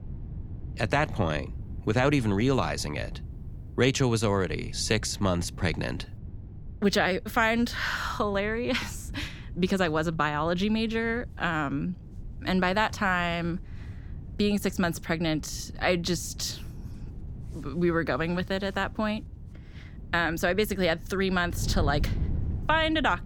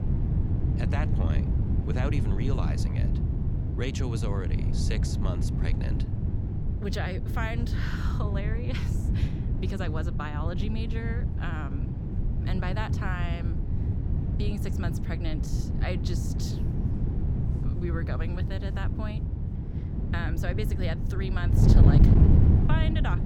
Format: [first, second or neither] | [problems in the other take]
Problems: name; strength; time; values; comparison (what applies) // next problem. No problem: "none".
first | wind noise on the microphone; heavy; 1 dB below the speech; occasional gusts in the first